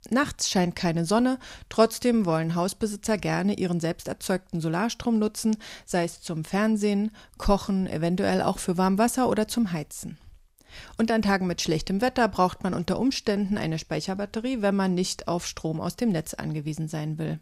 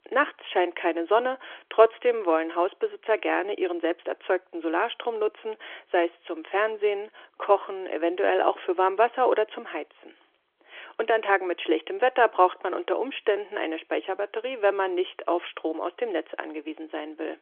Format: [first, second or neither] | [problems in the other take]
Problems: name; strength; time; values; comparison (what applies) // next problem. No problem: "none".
first | phone-call audio; nothing above 3.5 kHz